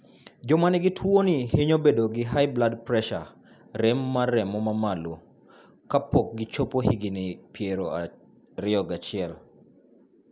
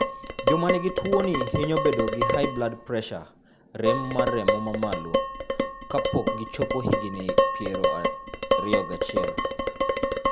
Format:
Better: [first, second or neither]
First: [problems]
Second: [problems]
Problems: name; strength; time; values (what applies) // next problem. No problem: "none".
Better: first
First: none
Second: background sound (Dishes, pots, and pans); 3 dB above the speech